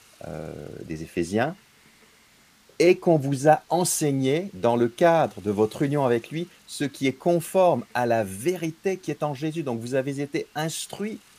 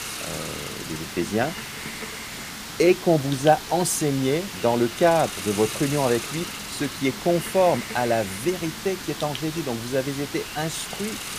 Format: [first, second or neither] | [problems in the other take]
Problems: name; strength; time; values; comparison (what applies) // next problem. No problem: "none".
first | hiss; loud; throughout; 8 dB below the speech; faint in the first